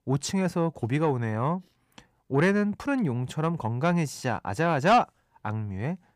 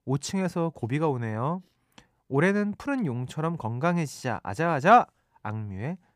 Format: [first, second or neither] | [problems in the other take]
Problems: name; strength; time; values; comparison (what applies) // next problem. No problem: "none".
second | distortion; slight; 10 dB below the speech